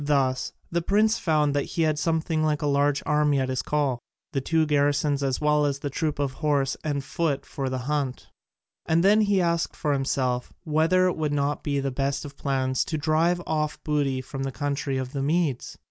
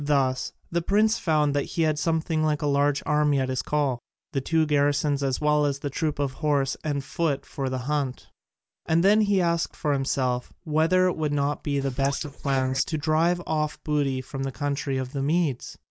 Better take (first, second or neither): first